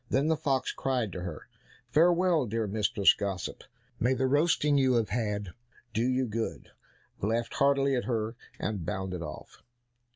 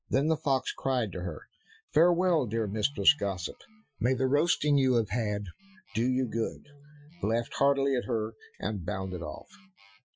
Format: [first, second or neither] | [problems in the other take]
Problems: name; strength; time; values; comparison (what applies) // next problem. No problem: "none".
first | noise reduction (classical method Wiener filter)